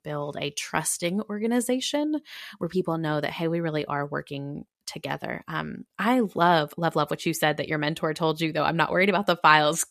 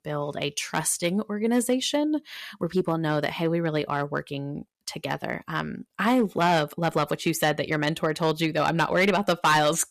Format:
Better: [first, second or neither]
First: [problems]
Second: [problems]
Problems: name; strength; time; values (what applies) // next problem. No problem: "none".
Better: first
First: none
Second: distortion; slight; 2% of the sound clipped